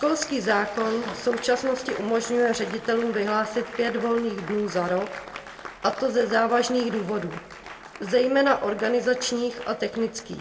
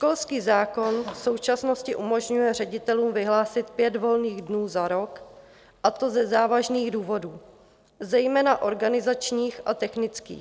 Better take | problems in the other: second | background sound (Applause); 14 dB below the speech // room echo; dies away in 0.7 s

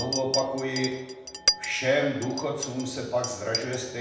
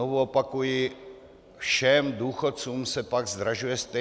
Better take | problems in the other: second | background sound (Chink, clink); 5 dB below the speech // room echo; dies away in 0.8 s

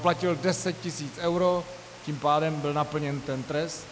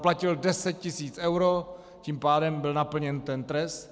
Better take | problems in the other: second | background sound (Keyboard (musical) + Water); 17 dB below the speech

